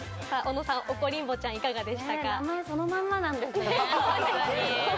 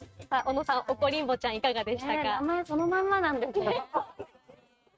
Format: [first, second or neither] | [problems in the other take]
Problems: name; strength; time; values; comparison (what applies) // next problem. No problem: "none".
first | noise reduction (neural mask model RNNoise)